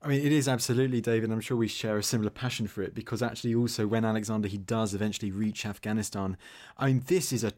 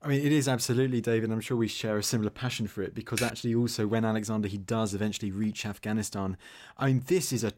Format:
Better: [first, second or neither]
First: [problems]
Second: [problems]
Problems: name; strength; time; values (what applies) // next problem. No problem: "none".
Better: first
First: none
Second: keyboard typing; noticeable; at 3 s; peak 5 dB below the speech